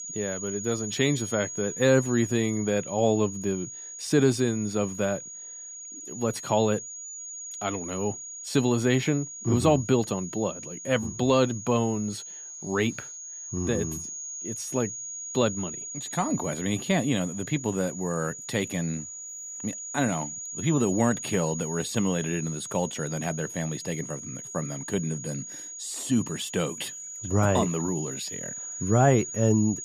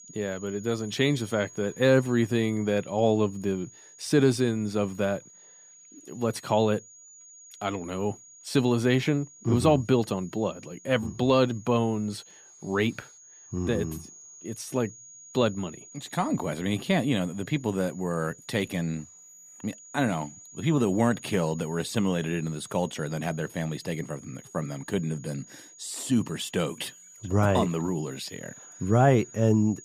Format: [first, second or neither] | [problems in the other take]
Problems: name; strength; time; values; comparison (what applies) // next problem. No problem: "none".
second | high-pitched whine; loud; throughout; 6.5 kHz, 8 dB below the speech; faint in the second